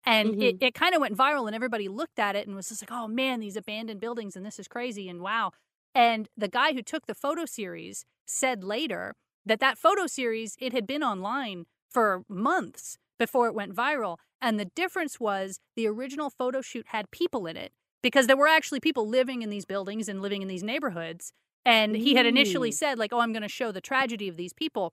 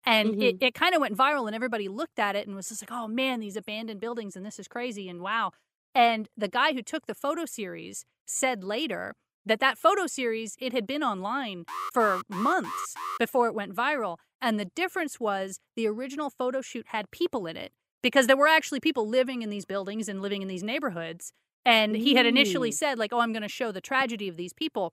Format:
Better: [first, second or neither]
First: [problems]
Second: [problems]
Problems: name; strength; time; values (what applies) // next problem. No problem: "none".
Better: first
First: none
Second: alarm; noticeable; from 12 to 13 s; peak 7 dB below the speech